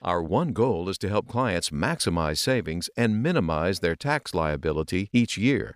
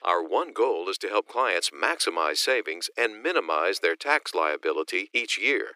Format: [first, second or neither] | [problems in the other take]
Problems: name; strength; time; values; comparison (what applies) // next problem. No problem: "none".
first | thin; very; fading below 300 Hz